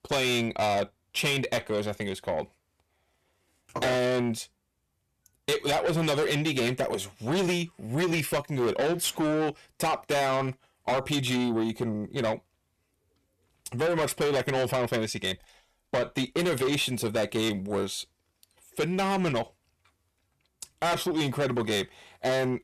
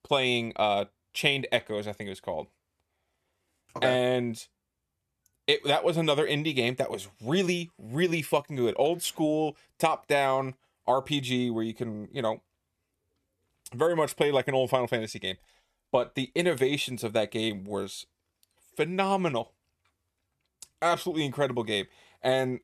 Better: second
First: distortion; heavy; 6 dB below the speech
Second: none

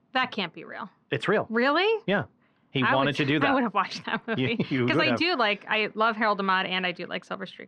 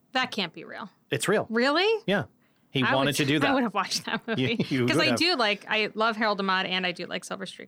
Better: second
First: muffled; slightly; fading above 2.5 kHz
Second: none

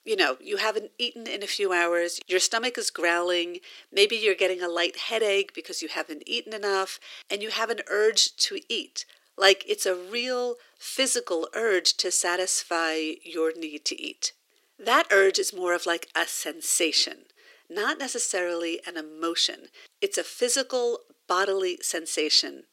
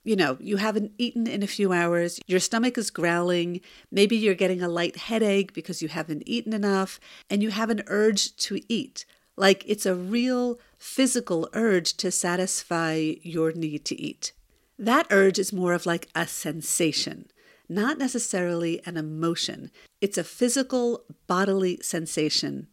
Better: second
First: thin; very; fading below 350 Hz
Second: none

